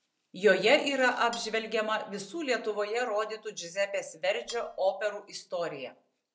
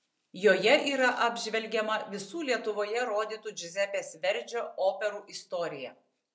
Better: second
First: background sound (Cutlery, silverware); 18 dB below the speech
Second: none

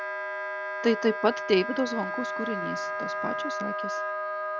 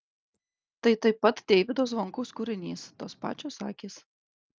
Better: second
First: background sound (Wind instrument, woodwind instrument); 2 dB below the speech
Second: none

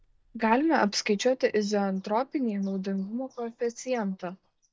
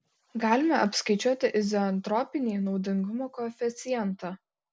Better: second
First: noise reduction (neural mask model DeepFilterNet 3)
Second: none

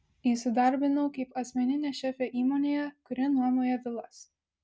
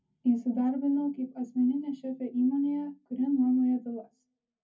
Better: first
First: none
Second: room echo; dies away in 0.3 s

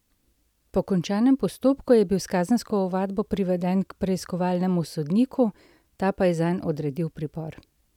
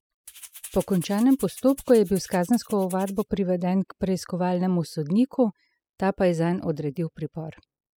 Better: first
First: none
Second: noise reduction (classical method spectral subtraction)

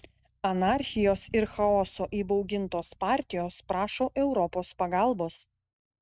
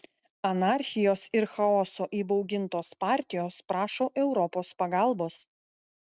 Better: second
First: noise reduction (neural mask model RNNoise)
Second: none

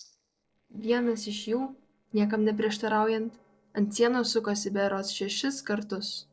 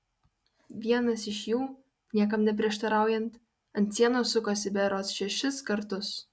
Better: second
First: noise reduction (neural separator model SepFormer DNS4)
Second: none

